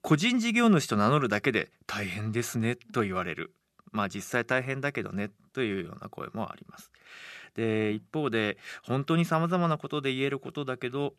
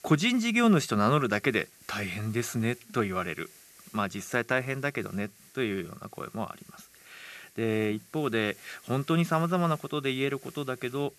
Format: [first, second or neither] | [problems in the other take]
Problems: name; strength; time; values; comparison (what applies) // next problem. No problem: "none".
first | hiss; faint; throughout; 25 dB below the speech